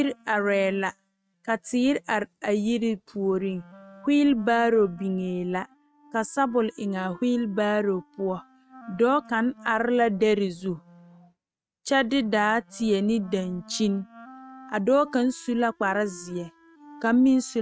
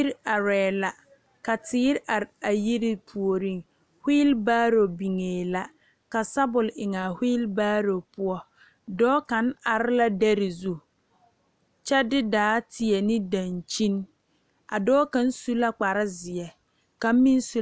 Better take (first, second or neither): second